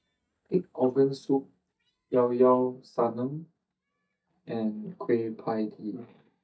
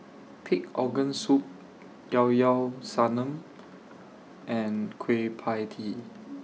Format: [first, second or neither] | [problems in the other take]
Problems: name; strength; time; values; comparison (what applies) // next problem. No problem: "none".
second | noise reduction (neural mask model DeepFilterNet 3)